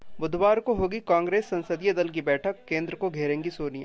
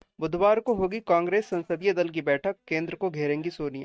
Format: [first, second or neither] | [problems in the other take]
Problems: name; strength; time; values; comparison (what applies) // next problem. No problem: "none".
first | noise reduction (neural mask model RNNoise)